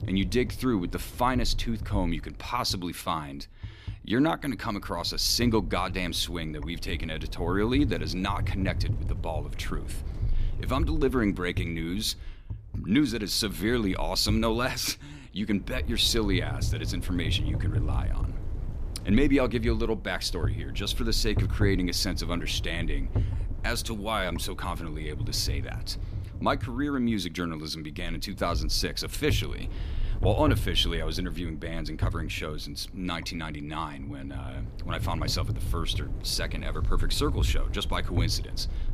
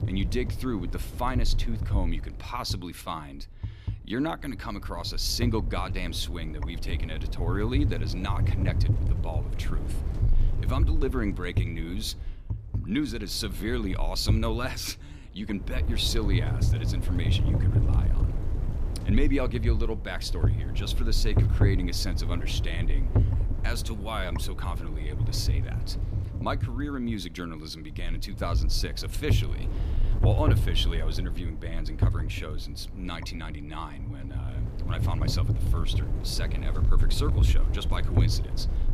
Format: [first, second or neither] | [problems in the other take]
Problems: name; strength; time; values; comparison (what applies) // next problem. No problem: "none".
first | wind noise on the microphone; heavy; 8 dB below the speech; occasional gusts in the first